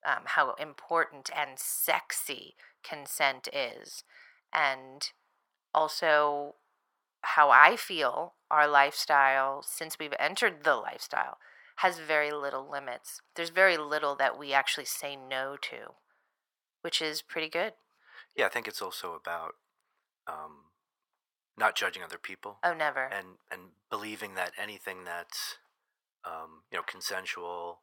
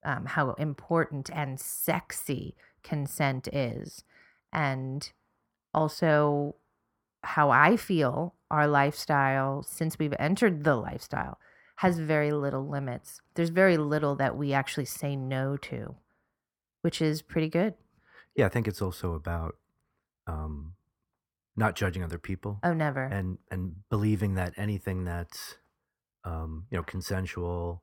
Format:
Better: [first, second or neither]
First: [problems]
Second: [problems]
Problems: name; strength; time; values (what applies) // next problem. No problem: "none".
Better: second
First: thin; very; fading below 800 Hz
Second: none